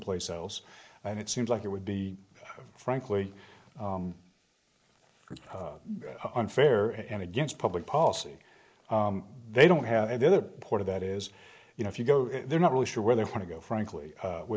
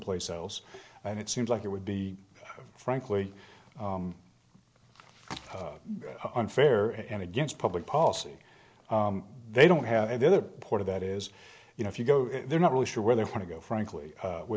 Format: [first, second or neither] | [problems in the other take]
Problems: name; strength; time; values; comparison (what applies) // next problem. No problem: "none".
second | noise reduction (neural mask model Resemble Enhance denoiser)